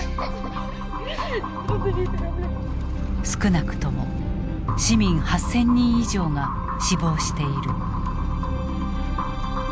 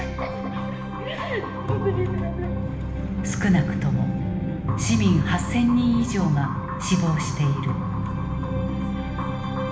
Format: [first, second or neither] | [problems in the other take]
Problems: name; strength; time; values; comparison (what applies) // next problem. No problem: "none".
first | room echo; dies away in 1.1 s